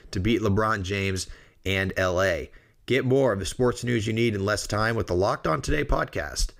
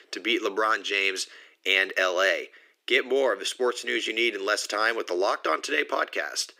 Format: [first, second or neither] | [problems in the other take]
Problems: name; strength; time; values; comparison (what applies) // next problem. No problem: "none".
first | thin; very; fading below 300 Hz